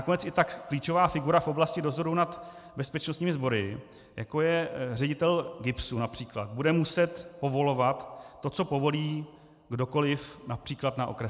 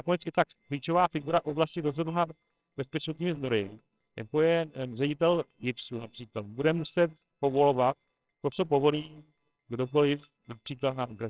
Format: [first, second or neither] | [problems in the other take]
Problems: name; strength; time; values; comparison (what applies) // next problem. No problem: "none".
first | noise reduction (neural separator model SepFormer WHAMR!)